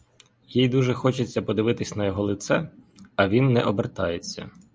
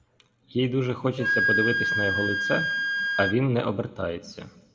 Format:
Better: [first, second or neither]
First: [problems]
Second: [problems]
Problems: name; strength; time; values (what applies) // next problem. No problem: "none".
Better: first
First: none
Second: background sound (Wind instrument, woodwind instrument); 1 dB below the speech // room echo; dies away in 1.2 s